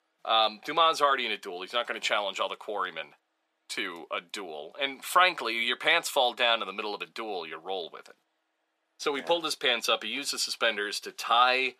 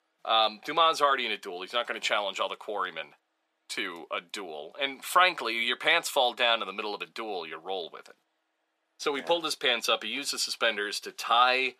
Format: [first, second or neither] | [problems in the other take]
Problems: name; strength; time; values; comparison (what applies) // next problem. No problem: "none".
neither | thin; very; fading below 750 Hz; the same in both